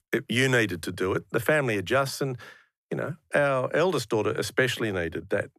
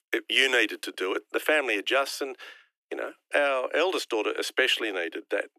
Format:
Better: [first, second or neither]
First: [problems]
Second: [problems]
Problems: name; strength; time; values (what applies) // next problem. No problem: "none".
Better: first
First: none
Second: thin; somewhat; fading below 300 Hz